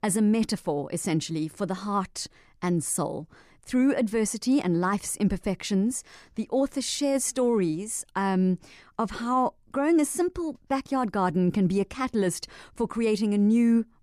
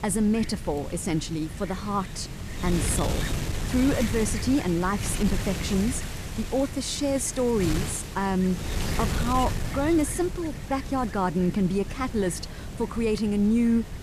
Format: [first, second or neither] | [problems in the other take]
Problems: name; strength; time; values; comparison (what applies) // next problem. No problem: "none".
first | wind noise on the microphone; heavy; 8 dB below the speech